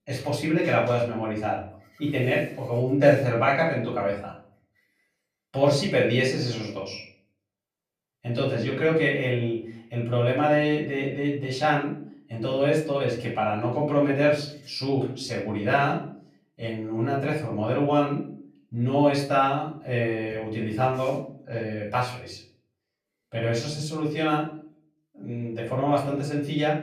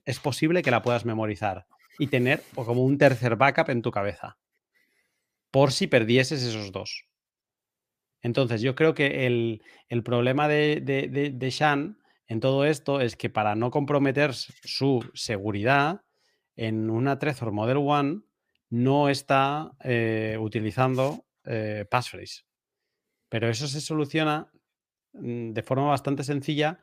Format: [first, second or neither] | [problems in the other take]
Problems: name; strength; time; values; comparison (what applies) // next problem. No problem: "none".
second | off-mic speech; far // room echo; slight; dies away in 0.4 s